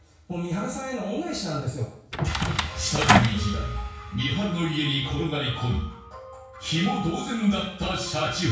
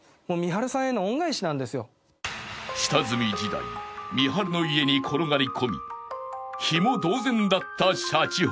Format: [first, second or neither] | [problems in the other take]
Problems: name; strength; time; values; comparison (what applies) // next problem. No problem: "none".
second | background sound (Door); 4 dB above the speech // room echo; dies away in 0.6 s